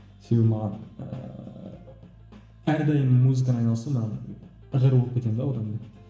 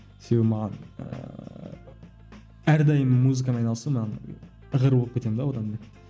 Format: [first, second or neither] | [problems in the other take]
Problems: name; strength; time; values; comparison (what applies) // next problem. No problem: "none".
second | room echo; dies away in 0.8 s